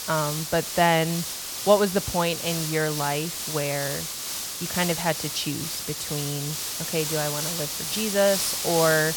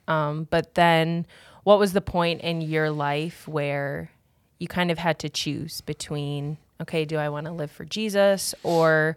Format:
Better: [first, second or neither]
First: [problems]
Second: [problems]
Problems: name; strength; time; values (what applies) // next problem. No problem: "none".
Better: second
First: hiss; loud; throughout; 3 dB below the speech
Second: none